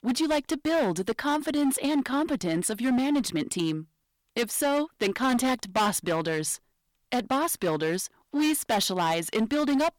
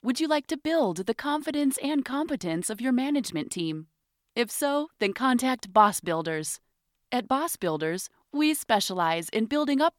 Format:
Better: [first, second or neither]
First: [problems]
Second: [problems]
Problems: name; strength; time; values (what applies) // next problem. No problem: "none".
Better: second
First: distortion; heavy; 14% of the sound clipped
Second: none